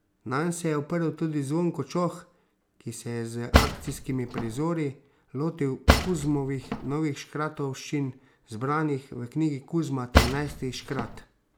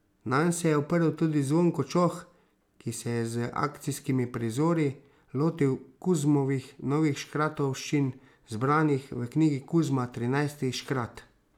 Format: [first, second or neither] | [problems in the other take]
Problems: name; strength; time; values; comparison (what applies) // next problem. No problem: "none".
second | background sound (Cutlery, silverware / Drawer open or close); 4 dB above the speech